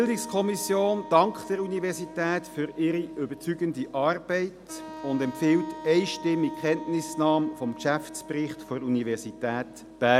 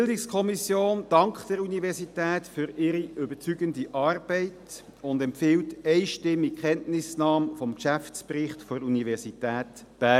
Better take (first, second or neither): second